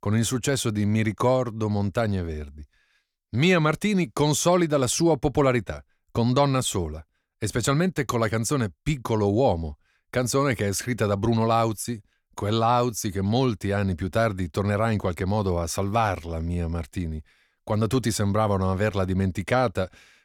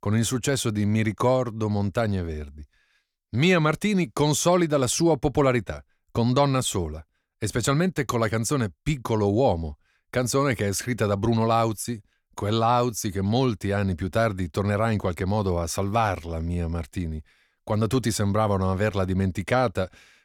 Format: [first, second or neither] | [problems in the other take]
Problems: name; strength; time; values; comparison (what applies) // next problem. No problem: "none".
neither | none